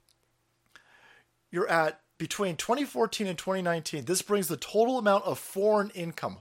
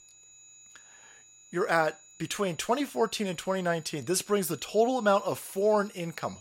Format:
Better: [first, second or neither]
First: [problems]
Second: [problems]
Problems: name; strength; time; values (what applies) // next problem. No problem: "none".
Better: first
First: none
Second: high-pitched whine; faint; throughout; 7 kHz, 25 dB below the speech